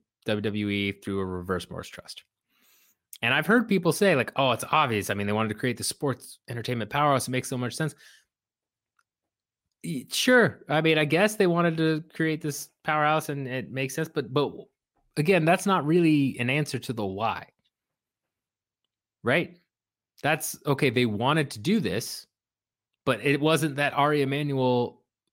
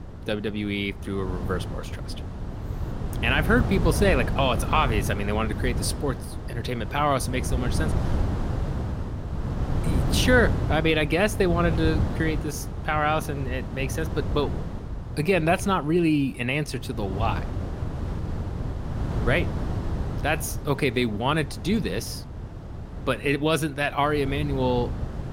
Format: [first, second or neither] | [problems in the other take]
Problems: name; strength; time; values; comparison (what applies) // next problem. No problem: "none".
first | wind noise on the microphone; occasional gusts; 10 dB below the speech